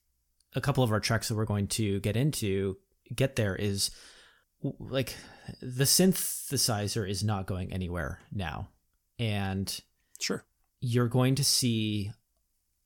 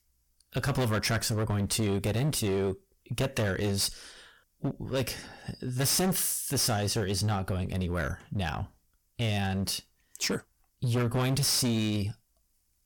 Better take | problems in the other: first | distortion; heavy; 14% of the sound clipped

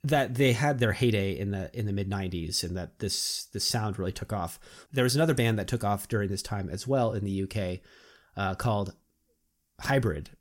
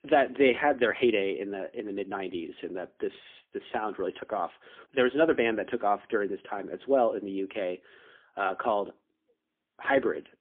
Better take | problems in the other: first | phone-call audio; poor line; nothing above 3.5 kHz

